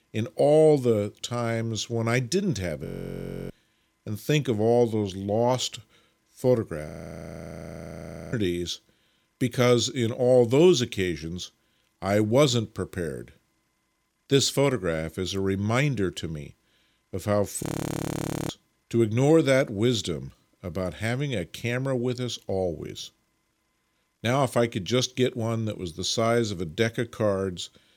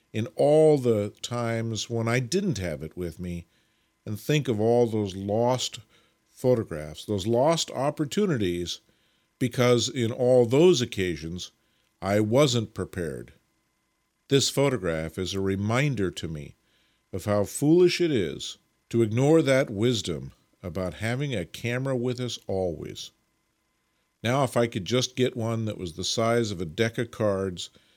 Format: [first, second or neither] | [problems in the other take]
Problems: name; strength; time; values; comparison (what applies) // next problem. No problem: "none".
second | audio freezing; at 3 s for 0.5 s, at 7 s for 1.5 s and at 18 s for 1 s